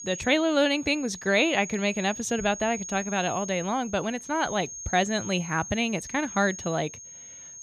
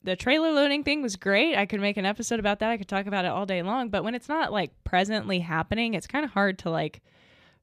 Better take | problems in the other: second | high-pitched whine; noticeable; throughout; 6.5 kHz, 10 dB below the speech

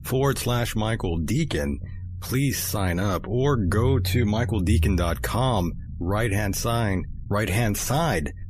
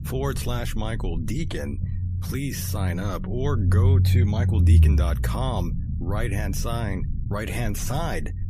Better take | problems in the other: first | low rumble; loud; throughout; 8 dB below the speech; faint in the first

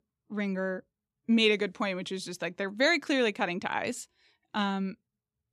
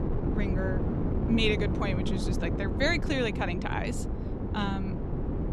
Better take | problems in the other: first | wind noise on the microphone; heavy; 6 dB below the speech

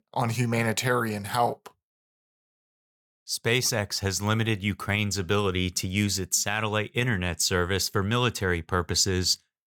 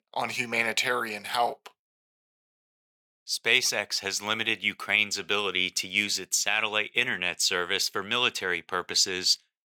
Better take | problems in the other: first | thin; somewhat; fading below 300 Hz

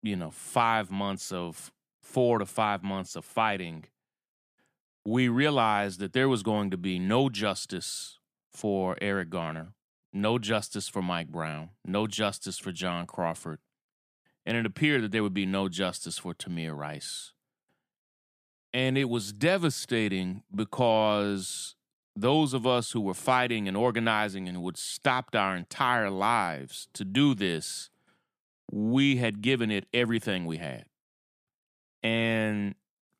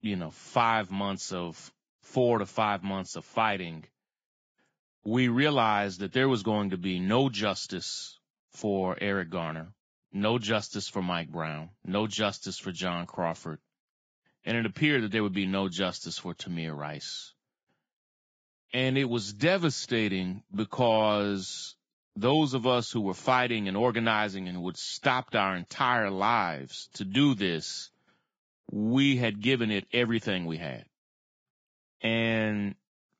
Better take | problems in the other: first | garbled, watery; badly; nothing above 7.5 kHz

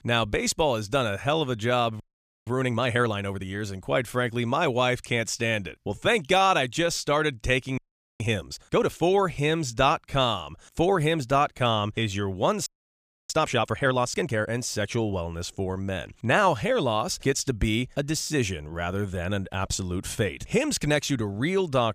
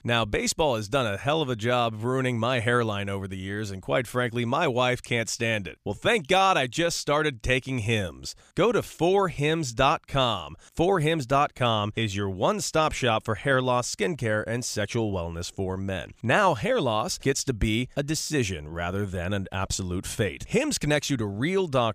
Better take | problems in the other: second | audio freezing; at 2 s, at 8 s and at 13 s for 0.5 s

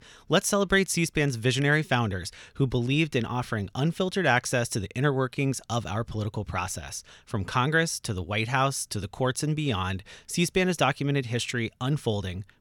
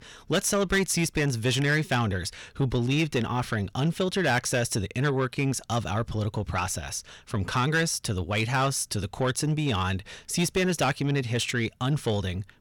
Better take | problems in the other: first | distortion; slight; 10 dB below the speech

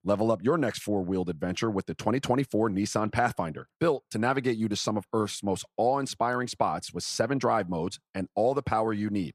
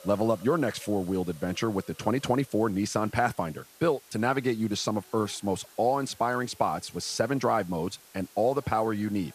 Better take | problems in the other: first | hiss; faint; throughout; 20 dB below the speech

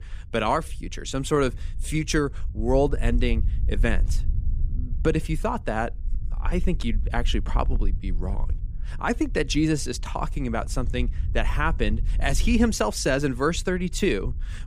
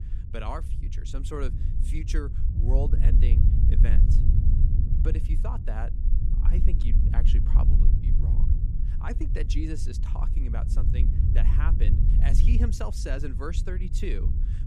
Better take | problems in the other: first | low rumble; loud; throughout; 4 dB below the speech; faint in the first

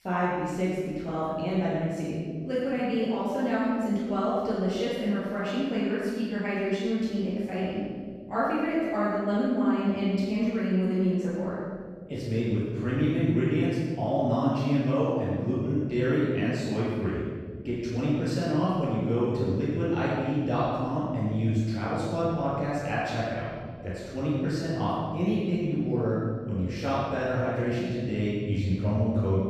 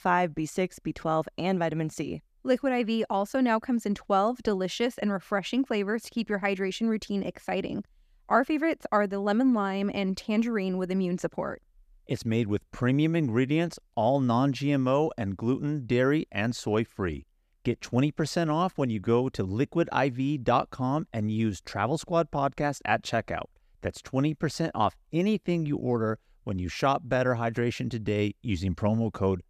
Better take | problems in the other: second | room echo; strong; dies away in 2.1 s // off-mic speech; far

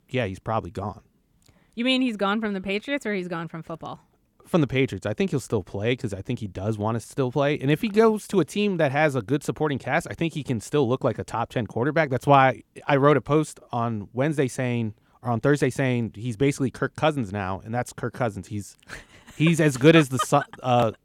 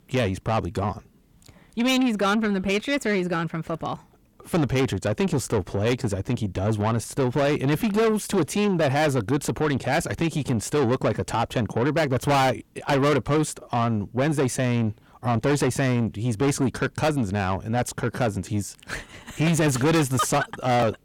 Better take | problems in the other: first | distortion; heavy; 6 dB below the speech

